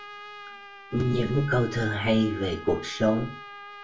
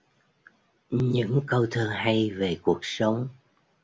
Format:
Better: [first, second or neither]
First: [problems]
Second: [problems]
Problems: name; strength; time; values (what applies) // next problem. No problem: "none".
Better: second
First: background sound (Trumpet); 15 dB below the speech // room echo; dies away in 0.3 s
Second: none